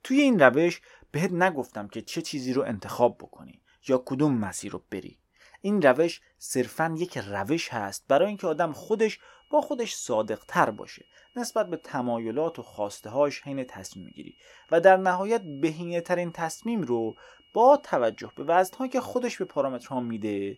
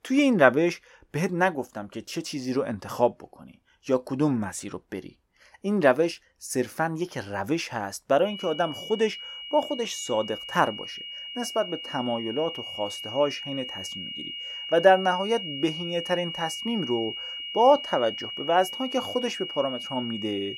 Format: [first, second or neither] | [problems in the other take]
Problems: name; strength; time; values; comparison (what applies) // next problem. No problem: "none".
first | high-pitched whine; loud; from 8.5 s on; 3 kHz, 8 dB below the speech; faint in the first